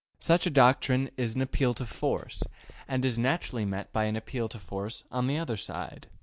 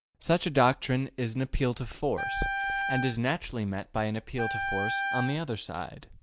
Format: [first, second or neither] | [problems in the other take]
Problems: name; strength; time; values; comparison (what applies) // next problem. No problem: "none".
first | background sound (Wind instrument, woodwind instrument); 4 dB below the speech